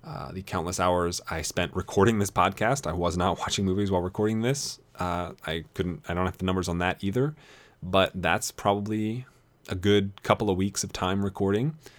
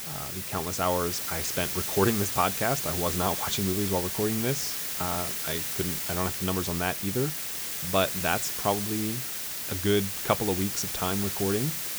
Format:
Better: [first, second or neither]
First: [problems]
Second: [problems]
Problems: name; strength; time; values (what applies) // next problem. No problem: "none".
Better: first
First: none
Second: hiss; loud; throughout; as loud as the speech